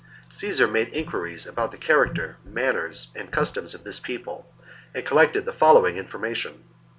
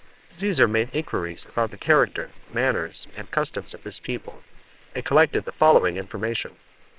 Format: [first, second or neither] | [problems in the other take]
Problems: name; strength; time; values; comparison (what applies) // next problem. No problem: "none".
first | noise reduction (neural separator model SepFormer WHAMR!)